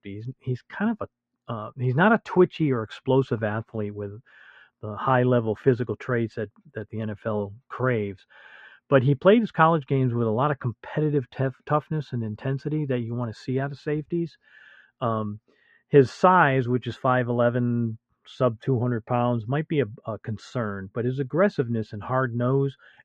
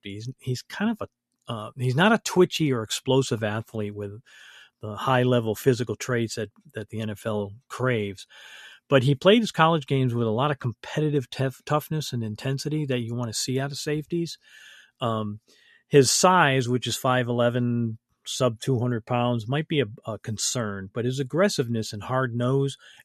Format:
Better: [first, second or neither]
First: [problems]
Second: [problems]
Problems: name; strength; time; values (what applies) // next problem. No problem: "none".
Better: second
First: muffled; very; fading above 1.5 kHz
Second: none